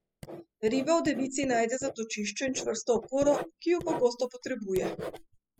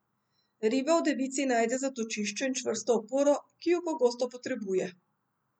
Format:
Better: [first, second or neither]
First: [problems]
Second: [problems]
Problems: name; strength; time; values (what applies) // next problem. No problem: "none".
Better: second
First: noise reduction (classical method spectral subtraction)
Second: none